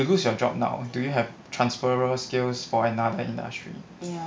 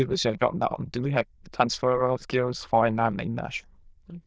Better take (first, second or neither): first